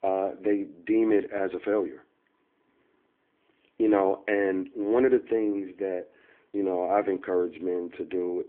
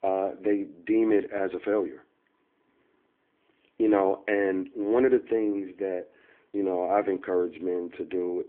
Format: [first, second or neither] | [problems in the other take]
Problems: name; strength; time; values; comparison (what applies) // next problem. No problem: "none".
neither | phone-call audio; the same in both